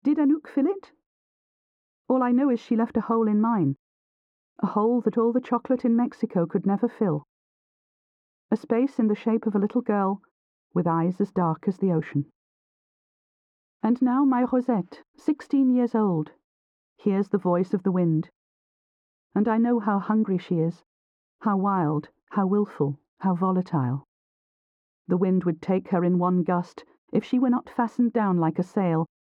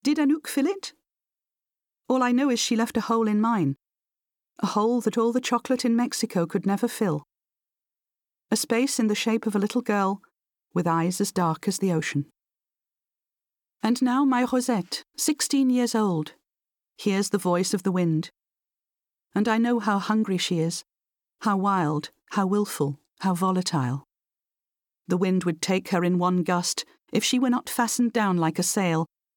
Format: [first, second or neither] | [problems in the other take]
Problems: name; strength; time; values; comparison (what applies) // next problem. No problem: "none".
second | muffled; very; fading above 3 kHz